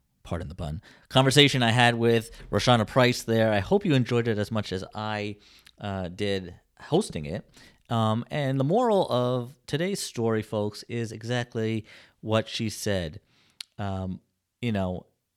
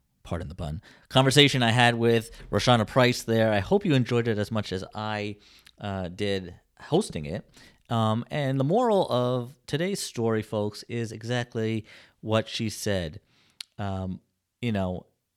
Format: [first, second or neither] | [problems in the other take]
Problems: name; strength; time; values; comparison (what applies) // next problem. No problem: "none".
neither | none